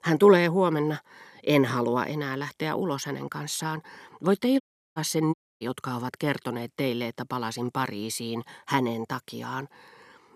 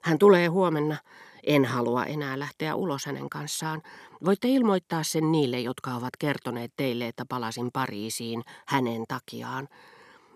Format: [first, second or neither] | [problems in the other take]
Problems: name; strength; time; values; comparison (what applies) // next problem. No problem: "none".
second | audio cutting out; at 4.5 s and at 5.5 s